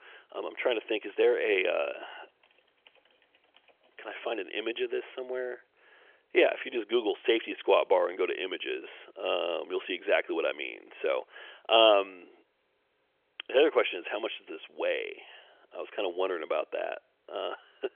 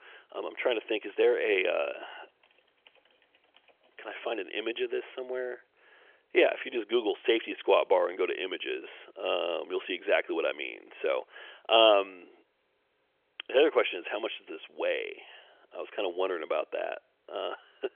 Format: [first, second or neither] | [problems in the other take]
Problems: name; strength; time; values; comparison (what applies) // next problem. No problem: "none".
neither | phone-call audio; nothing above 3.5 kHz; the same in both